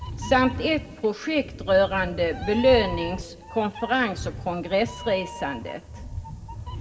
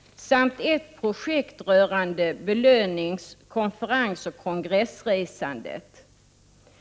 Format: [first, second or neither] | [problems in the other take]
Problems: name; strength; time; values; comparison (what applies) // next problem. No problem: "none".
second | background sound (Meow); 10 dB below the speech // room echo; dies away in 0.3 s